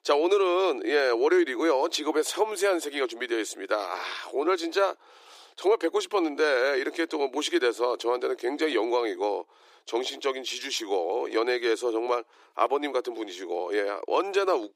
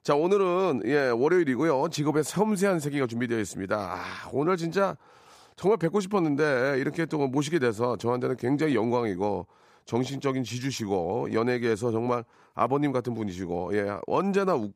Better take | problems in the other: second | thin; very; fading below 350 Hz

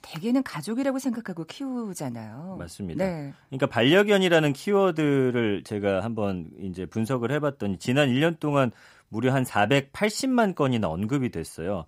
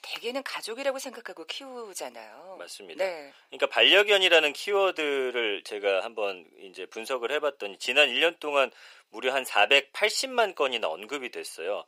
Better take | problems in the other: first | thin; very; fading below 450 Hz

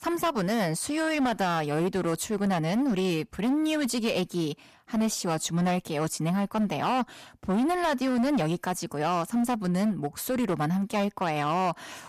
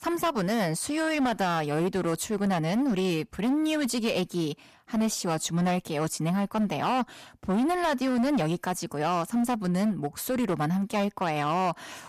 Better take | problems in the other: neither | distortion; slight; 16% of the sound clipped; the same in both

